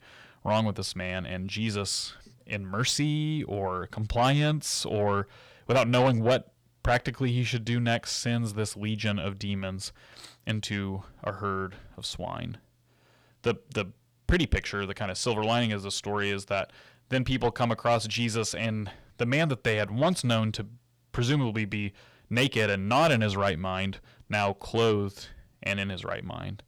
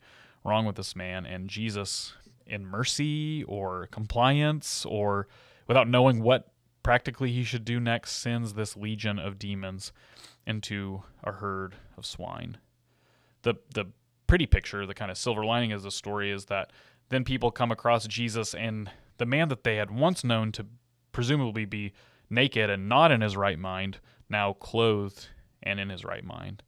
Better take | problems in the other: second | distortion; slight; 10 dB below the speech

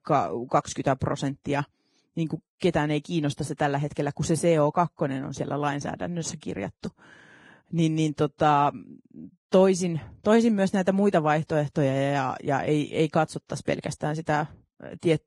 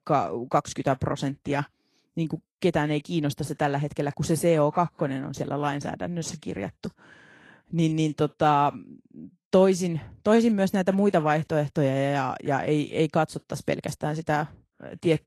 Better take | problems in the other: second | garbled, watery; badly; nothing above 10.5 kHz; slightly in the second

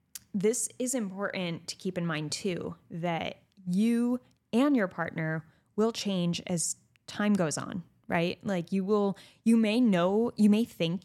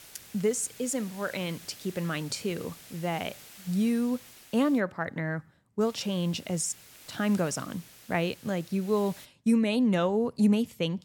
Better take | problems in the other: first | hiss; noticeable; until 5 s and from 6 to 9.5 s; 20 dB below the speech

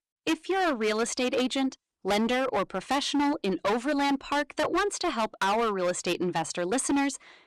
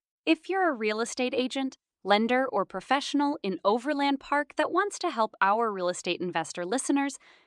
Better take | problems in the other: second | distortion; heavy; 17% of the sound clipped

